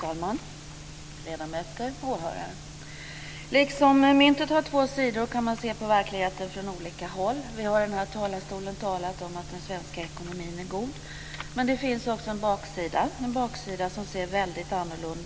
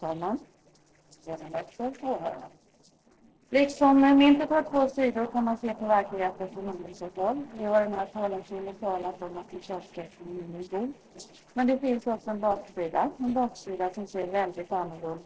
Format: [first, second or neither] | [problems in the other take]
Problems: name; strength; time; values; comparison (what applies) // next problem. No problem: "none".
first | noise reduction (neural separator model SepFormer DNS4)